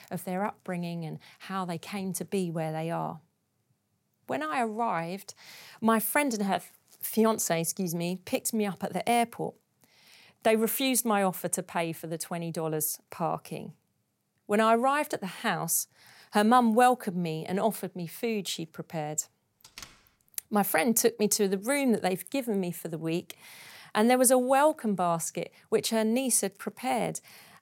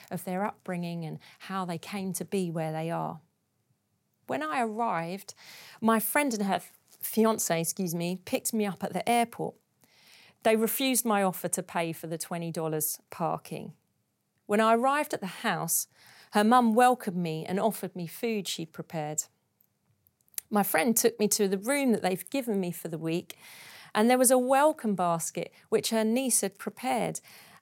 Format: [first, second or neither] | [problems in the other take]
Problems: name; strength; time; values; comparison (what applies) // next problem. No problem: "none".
second | door banging; faint; at 20 s; peak 20 dB below the speech